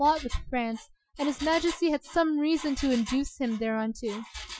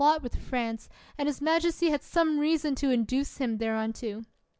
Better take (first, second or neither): second